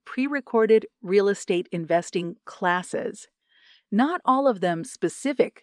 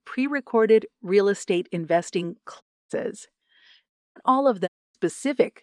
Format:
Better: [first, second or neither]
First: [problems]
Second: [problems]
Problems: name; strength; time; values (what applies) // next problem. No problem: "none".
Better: first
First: none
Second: audio cutting out; at 2.5 s, at 4 s and at 4.5 s